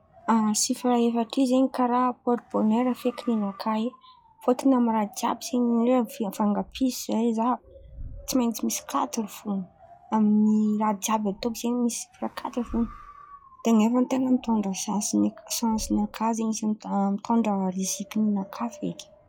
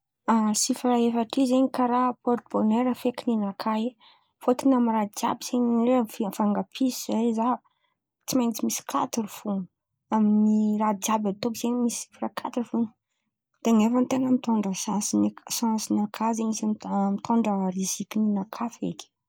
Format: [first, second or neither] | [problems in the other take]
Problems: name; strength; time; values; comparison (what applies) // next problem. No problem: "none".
second | noise reduction (classical method log-MMSE)